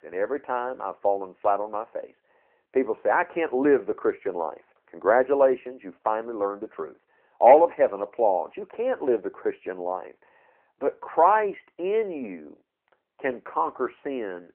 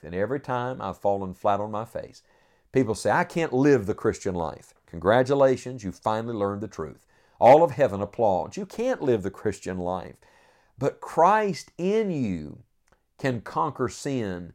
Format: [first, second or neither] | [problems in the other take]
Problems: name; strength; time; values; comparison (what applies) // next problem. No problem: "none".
second | phone-call audio